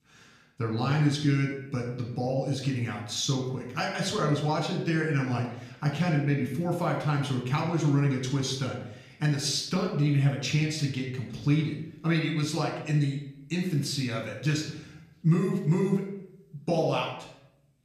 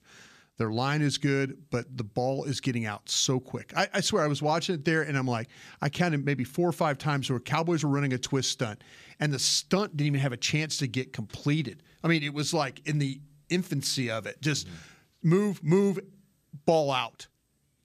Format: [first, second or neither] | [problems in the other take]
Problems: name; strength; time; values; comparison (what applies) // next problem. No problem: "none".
second | off-mic speech; far // room echo; noticeable; dies away in 0.7 s